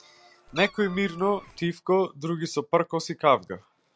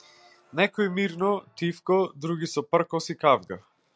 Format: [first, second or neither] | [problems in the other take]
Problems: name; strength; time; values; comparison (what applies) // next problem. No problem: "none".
second | background sound (Meow); 16 dB below the speech